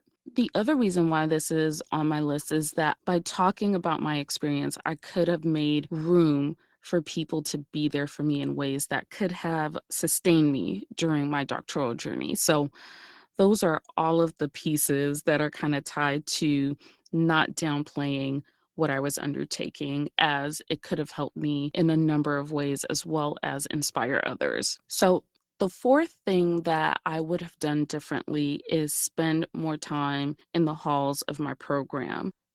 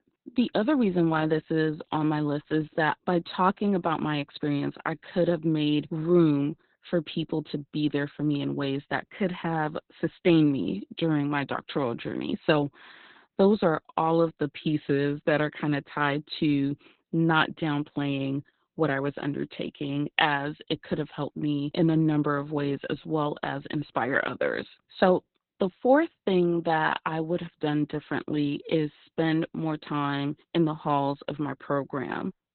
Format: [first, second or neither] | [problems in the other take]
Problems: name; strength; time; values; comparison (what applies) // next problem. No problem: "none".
first | garbled, watery; badly; nothing above 4 kHz; slightly in the first